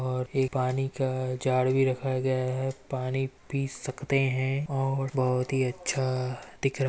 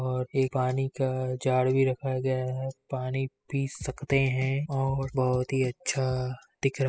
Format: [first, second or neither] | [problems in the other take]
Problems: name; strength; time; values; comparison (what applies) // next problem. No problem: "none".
first | noise reduction (classical method spectral subtraction)